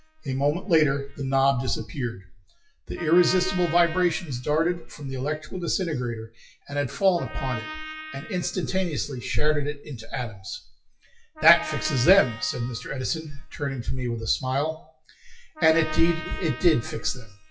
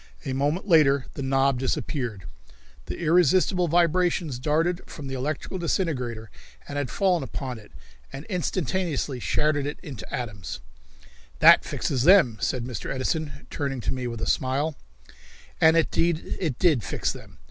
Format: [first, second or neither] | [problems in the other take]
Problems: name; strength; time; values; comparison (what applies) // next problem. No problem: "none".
second | noise reduction (classical method WPE with log-MMSE)